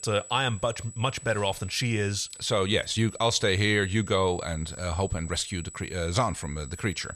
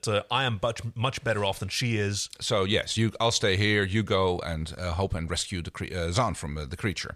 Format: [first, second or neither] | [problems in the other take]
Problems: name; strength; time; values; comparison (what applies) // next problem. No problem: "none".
second | high-pitched whine; noticeable; throughout; 8 kHz, 15 dB below the speech